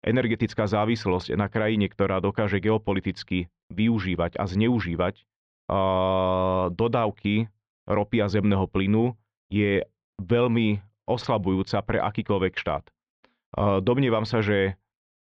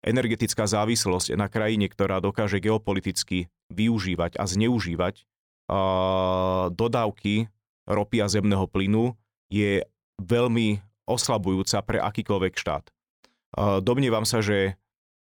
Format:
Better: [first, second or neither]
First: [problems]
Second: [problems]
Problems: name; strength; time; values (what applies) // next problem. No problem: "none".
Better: second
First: muffled; slightly; fading above 3.5 kHz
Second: none